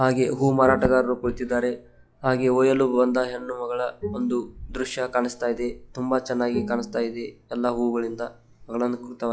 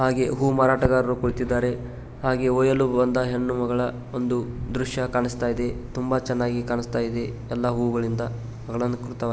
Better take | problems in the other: second | noise reduction (classical method log-MMSE)

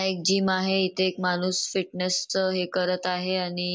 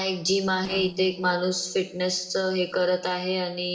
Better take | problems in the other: first | noise reduction (neural separator model SepFormer DNS4)

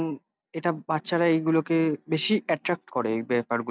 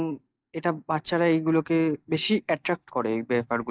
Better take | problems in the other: first | noise reduction (neural mask model DeepFilterNet 3)

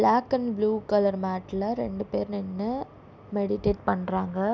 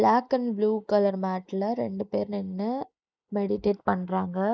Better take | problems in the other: first | noise reduction (neural mask model Resemble Enhance denoiser)

